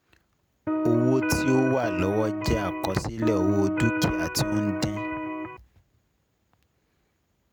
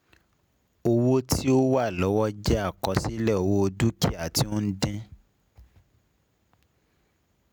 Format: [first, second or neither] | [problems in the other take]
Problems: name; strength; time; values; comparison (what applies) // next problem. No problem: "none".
second | background sound (Electric guitar); as loud as the speech